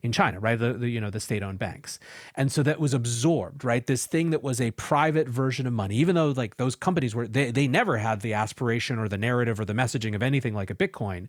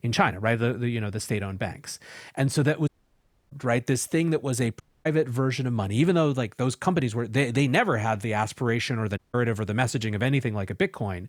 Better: first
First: none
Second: audio cutting out; at 3 s for 0.5 s, at 5 s and at 9 s

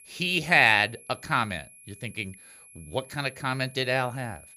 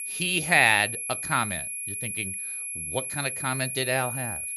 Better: first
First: high-pitched whine; faint; throughout; 11 kHz, 25 dB below the speech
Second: high-pitched whine; loud; throughout; 11 kHz, 5 dB below the speech

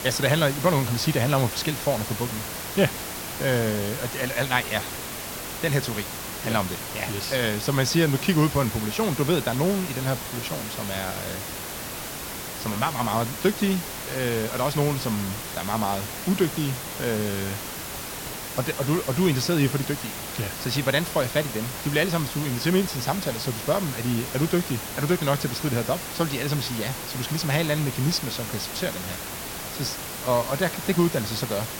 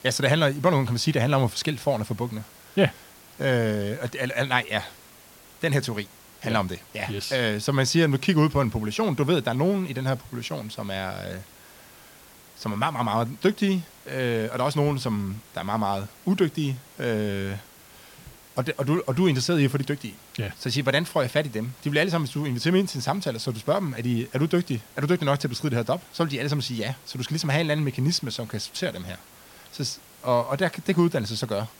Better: second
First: hiss; loud; throughout; 6 dB below the speech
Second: hiss; faint; throughout; 25 dB below the speech

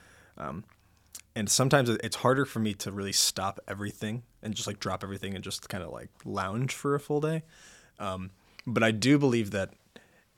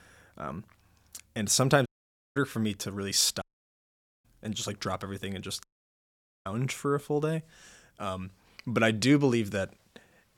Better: first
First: none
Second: audio cutting out; at 2 s, at 3.5 s for 1 s and at 5.5 s for 1 s

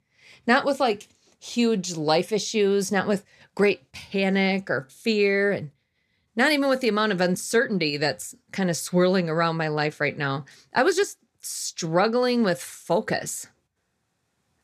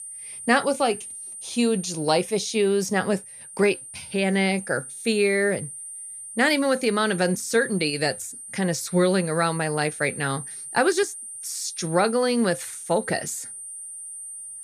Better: first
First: none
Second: high-pitched whine; noticeable; throughout; 9 kHz, 10 dB below the speech

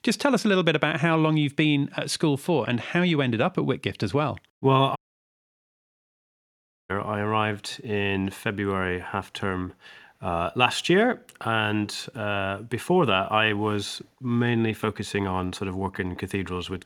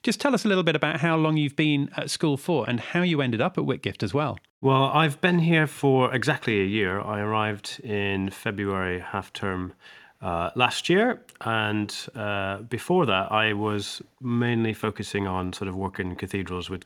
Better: second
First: audio cutting out; at 5 s for 2 s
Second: none

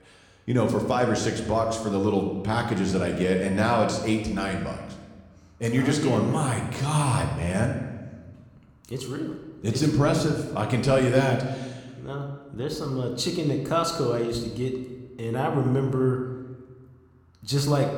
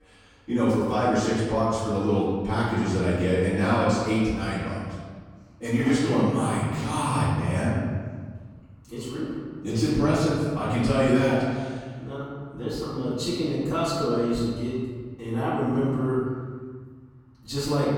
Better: first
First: room echo; slight; dies away in 1 s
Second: room echo; strong; dies away in 1.6 s // off-mic speech; far

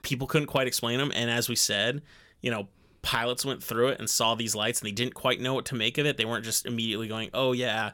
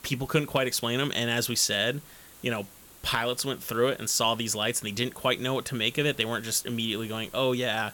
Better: first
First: none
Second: hiss; faint; throughout; 20 dB below the speech

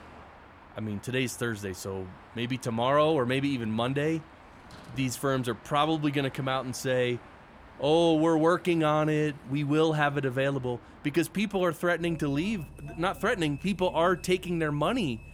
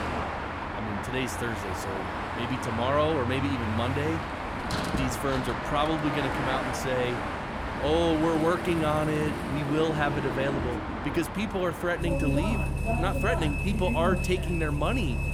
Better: first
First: traffic noise; faint; throughout; 20 dB below the speech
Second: traffic noise; loud; throughout; 2 dB below the speech

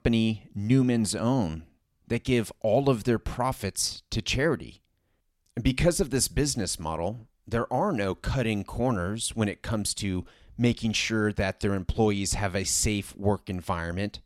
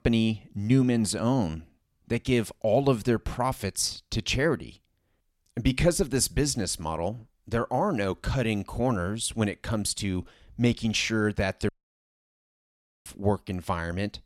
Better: first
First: none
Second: audio cutting out; at 12 s for 1.5 s

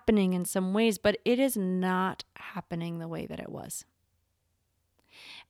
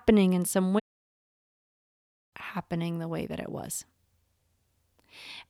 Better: first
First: none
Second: audio cutting out; at 1 s for 1.5 s

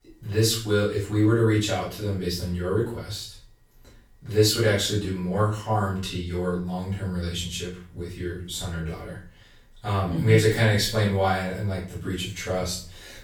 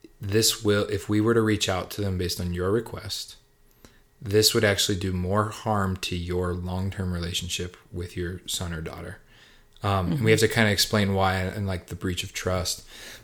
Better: second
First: off-mic speech; far // room echo; noticeable; dies away in 0.4 s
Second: none

